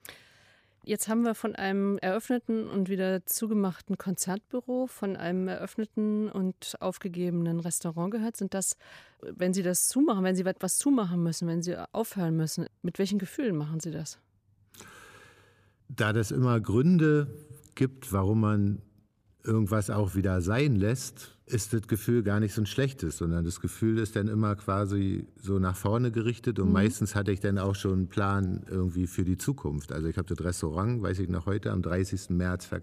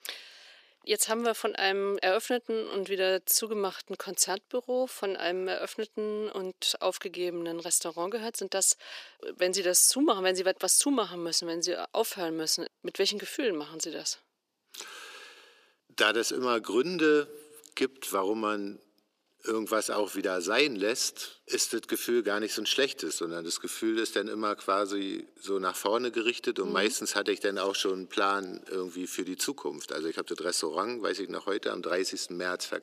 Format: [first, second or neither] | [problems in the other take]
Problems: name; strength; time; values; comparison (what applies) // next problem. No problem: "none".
first | thin; very; fading below 350 Hz